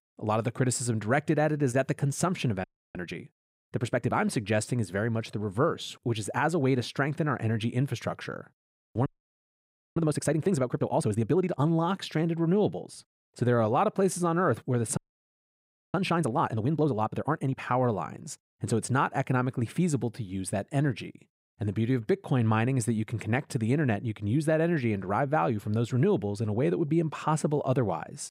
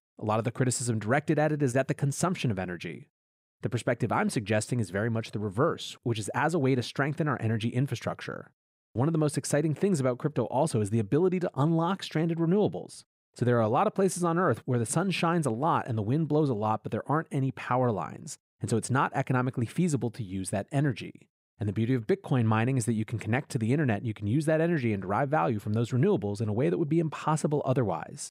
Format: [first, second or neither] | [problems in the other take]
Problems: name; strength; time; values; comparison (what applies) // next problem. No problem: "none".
second | audio freezing; at 2.5 s, at 9 s for 1 s and at 15 s for 1 s